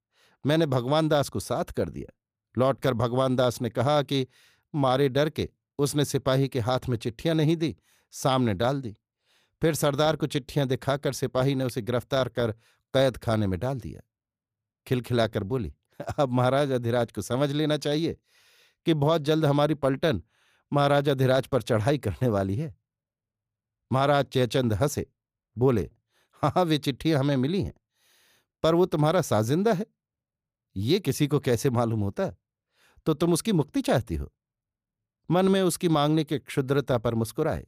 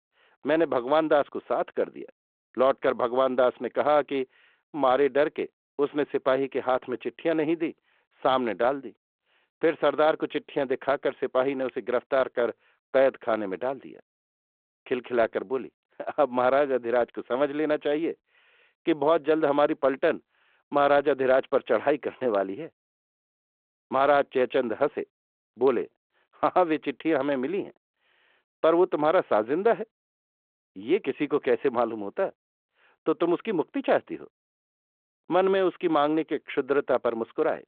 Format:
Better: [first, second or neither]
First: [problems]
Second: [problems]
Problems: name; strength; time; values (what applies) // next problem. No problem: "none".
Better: first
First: none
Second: phone-call audio; nothing above 3.5 kHz